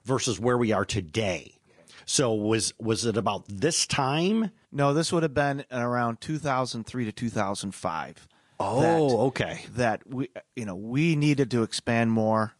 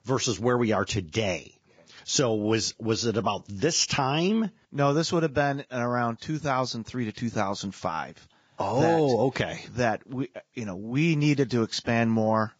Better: first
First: garbled, watery; slightly; nothing above 10.5 kHz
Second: garbled, watery; badly

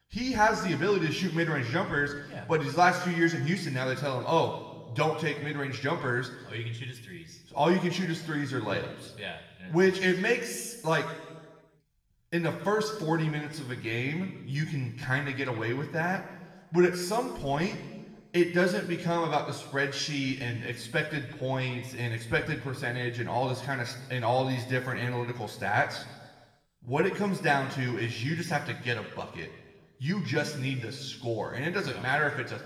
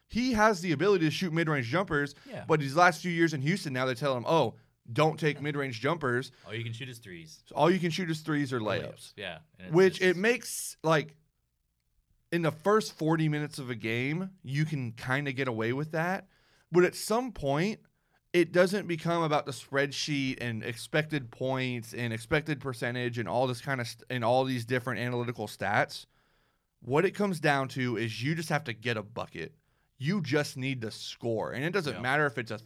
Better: second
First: room echo; noticeable; dies away in 1.2 s // off-mic speech; somewhat distant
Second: none

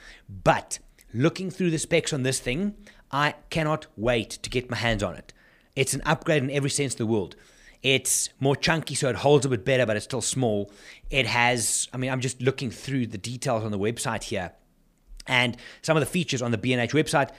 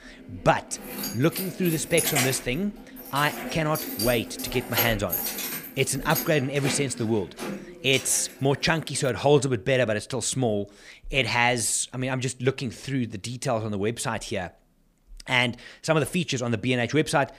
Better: first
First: none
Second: jangling keys; loud; until 8 s; peak 2 dB above the speech

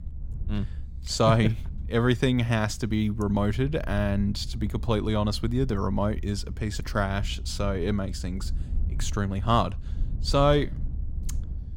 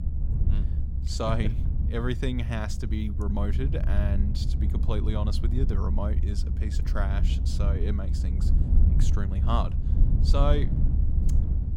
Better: first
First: low rumble; faint; throughout; 25 dB below the speech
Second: low rumble; loud; throughout; 8 dB below the speech

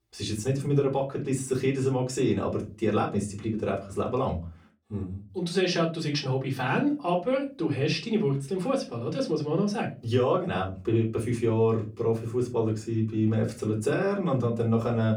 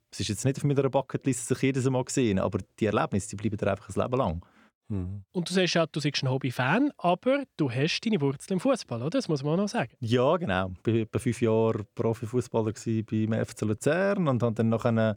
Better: second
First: off-mic speech; far // room echo; very slight; dies away in 0.3 s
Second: none

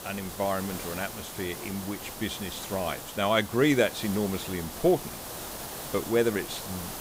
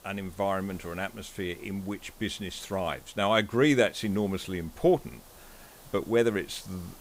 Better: second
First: hiss; loud; throughout; 9 dB below the speech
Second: hiss; faint; throughout; 25 dB below the speech

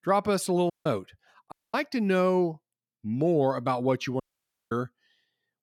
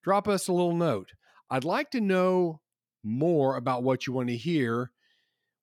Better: second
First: audio cutting out; at 0.5 s, at 1.5 s and at 4 s for 0.5 s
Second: none

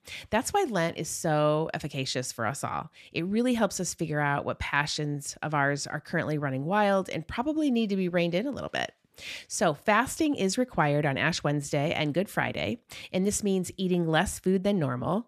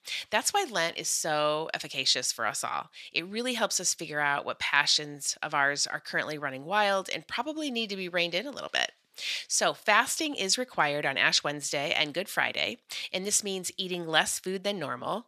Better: first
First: none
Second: thin; somewhat; fading below 1 kHz

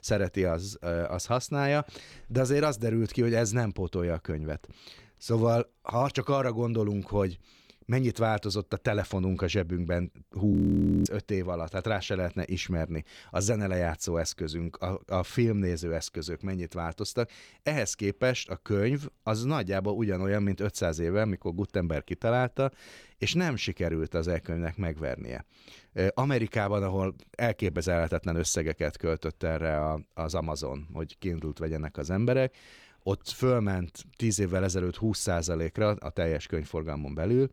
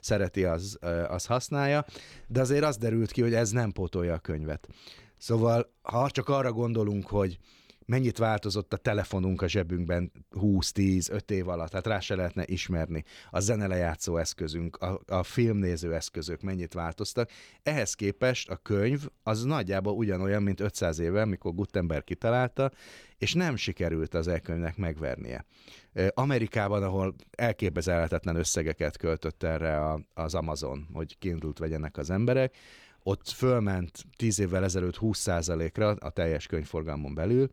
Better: second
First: audio freezing; at 11 s for 0.5 s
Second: none

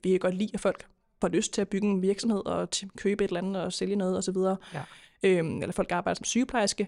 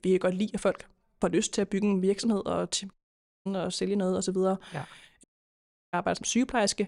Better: first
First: none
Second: audio cutting out; at 3 s for 0.5 s and at 5 s for 0.5 s

